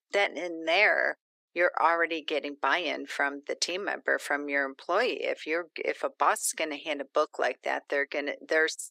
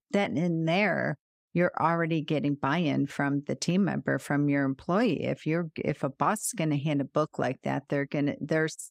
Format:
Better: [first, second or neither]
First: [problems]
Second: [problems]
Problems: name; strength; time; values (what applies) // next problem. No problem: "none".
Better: second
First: thin; very; fading below 400 Hz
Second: none